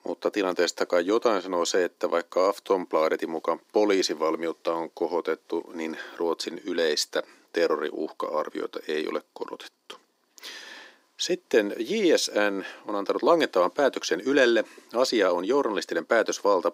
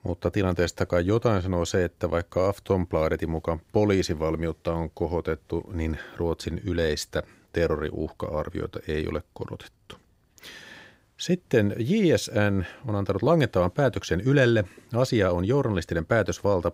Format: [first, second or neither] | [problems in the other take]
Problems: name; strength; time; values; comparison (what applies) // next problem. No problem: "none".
second | thin; somewhat; fading below 250 Hz